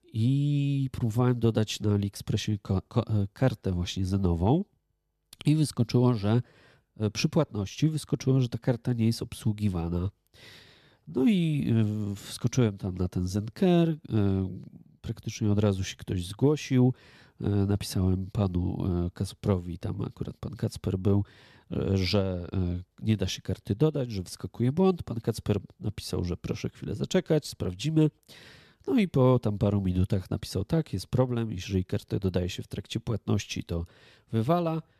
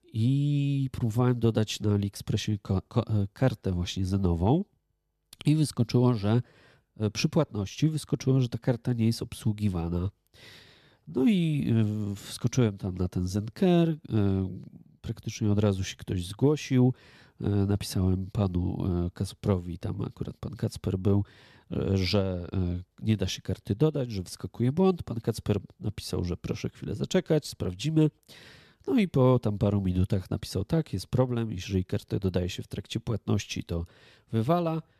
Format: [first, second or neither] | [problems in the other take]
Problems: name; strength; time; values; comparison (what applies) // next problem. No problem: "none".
neither | none